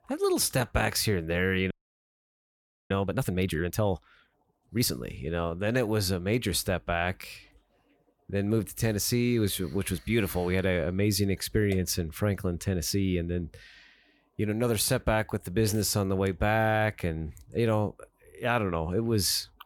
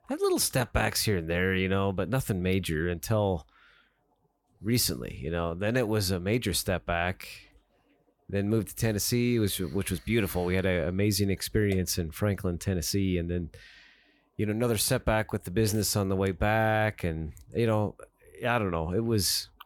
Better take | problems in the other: second | audio freezing; at 1.5 s for 1 s

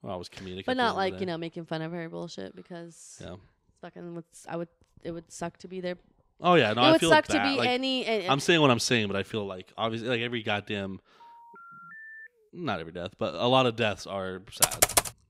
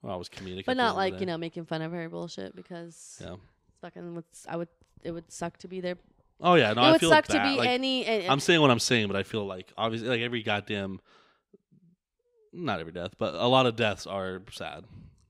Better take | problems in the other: second | phone ringing; faint; from 11 to 12 s; peak 15 dB below the speech // keyboard typing; loud; at 15 s; peak 4 dB above the speech

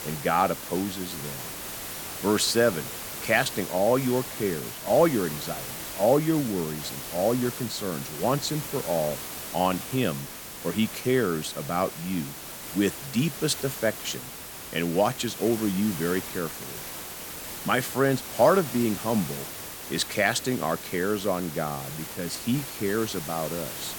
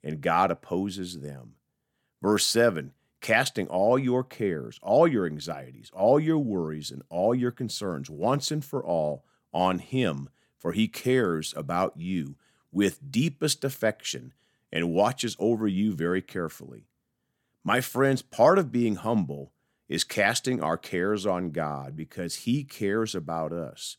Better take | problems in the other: second | hiss; loud; throughout; 8 dB below the speech

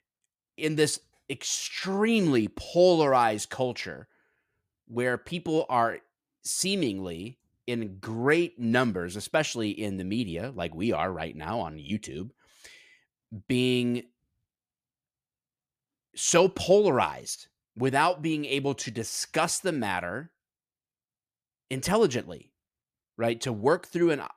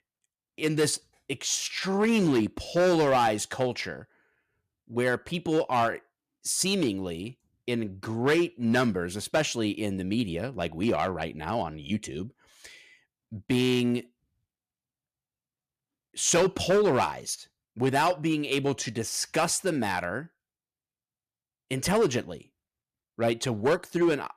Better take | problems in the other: first | distortion; slight; 4% of the sound clipped

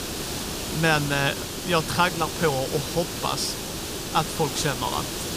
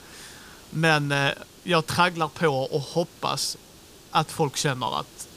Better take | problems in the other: second | hiss; loud; throughout; 4 dB below the speech; faint in the second

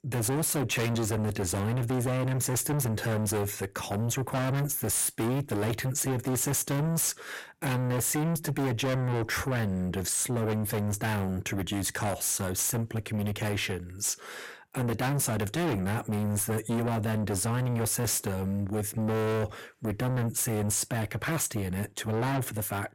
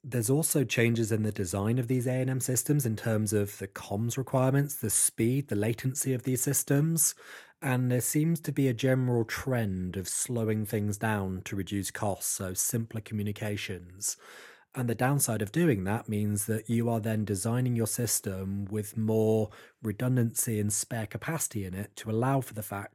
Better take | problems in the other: second | distortion; heavy; 5 dB below the speech

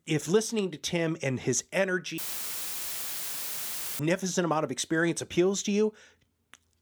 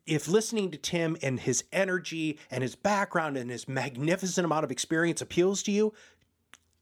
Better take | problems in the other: second | audio cutting out; filled with static; at 2 s for 2 s

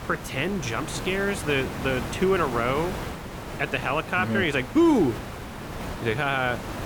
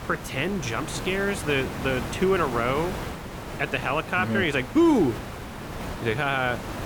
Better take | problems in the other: neither | hiss; loud; throughout; 9 dB below the speech; the same in both

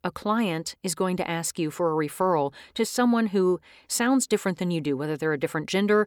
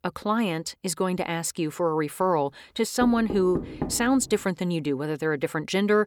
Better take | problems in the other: first | door banging; noticeable; from 3 to 4 s; peak 6 dB below the speech

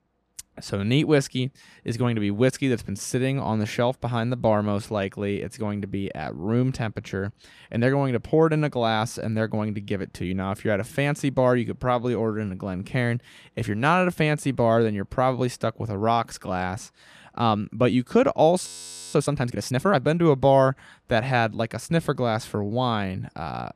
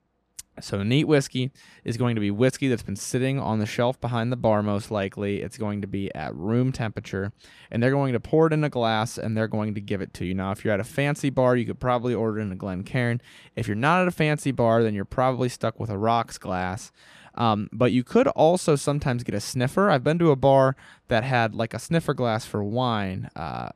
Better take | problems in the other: second | audio freezing; at 19 s

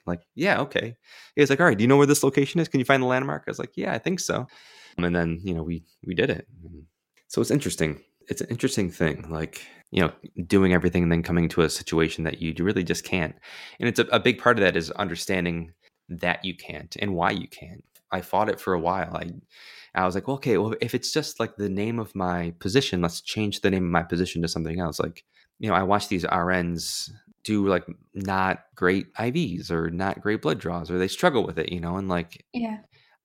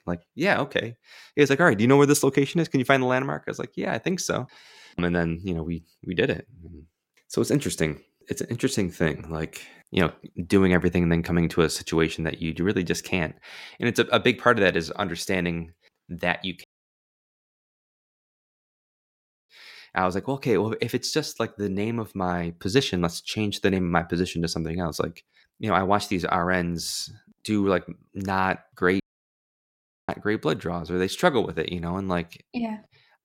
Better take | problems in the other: first | audio cutting out; at 17 s for 3 s and at 29 s for 1 s

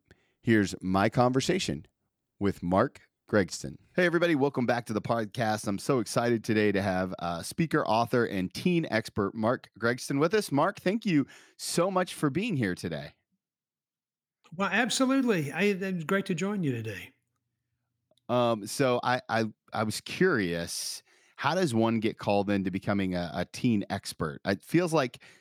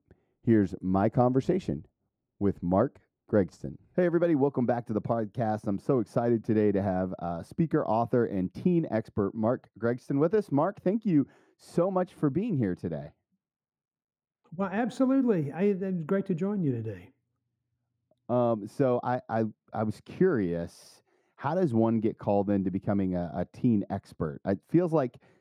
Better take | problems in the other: first | muffled; very; fading above 1.5 kHz

